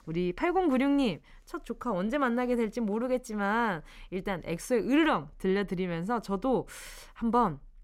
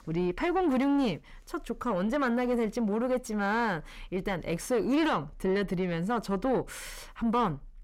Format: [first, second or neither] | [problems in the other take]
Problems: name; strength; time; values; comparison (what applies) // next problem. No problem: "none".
first | distortion; slight; 10 dB below the speech